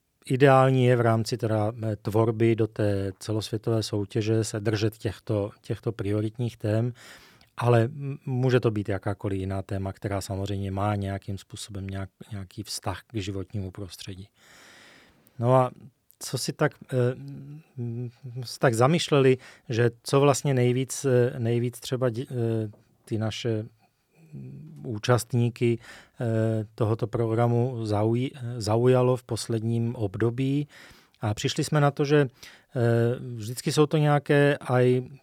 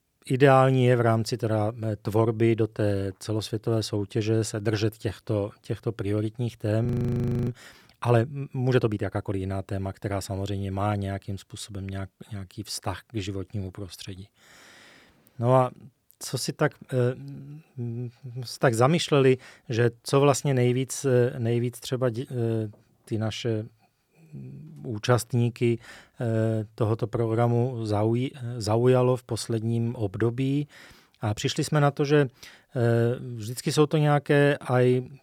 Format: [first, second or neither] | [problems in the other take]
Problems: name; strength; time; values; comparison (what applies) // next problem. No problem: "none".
first | audio freezing; at 7 s for 0.5 s